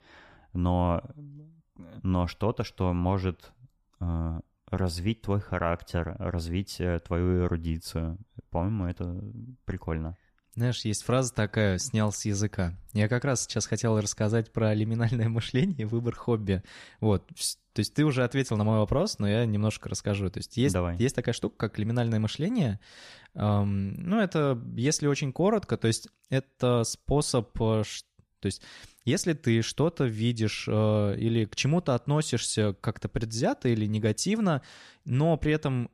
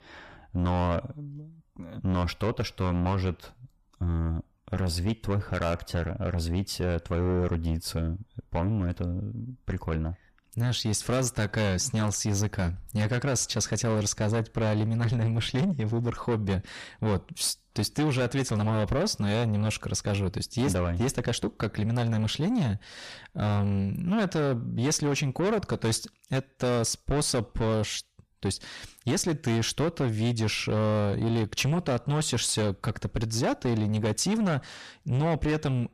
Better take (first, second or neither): first